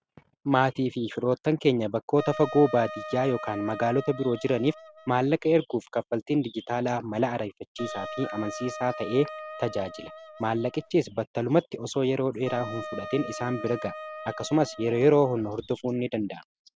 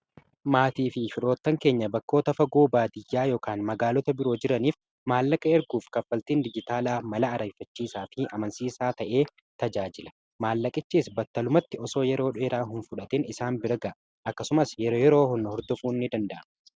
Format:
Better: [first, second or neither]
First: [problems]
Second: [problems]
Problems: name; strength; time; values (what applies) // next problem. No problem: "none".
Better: second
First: background sound (Wind instrument, woodwind instrument); 12 dB below the speech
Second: none